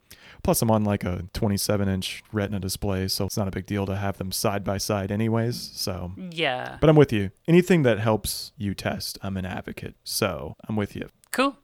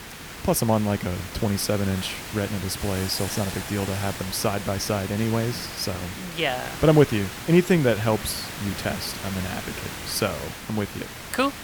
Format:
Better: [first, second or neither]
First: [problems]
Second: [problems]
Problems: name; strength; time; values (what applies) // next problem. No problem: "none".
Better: first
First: none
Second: hiss; loud; throughout; 9 dB below the speech